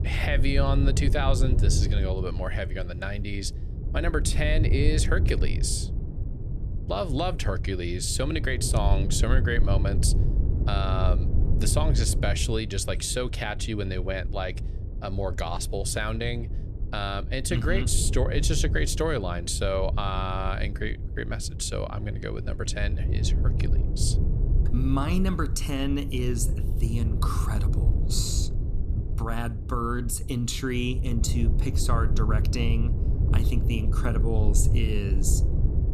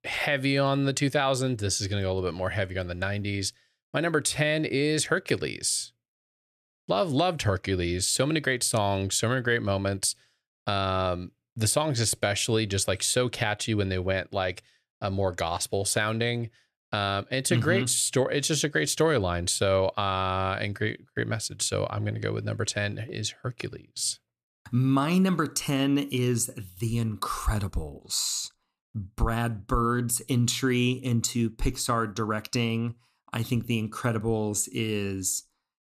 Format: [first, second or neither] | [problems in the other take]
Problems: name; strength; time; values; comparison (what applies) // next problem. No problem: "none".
second | wind noise on the microphone; occasional gusts; 10 dB below the speech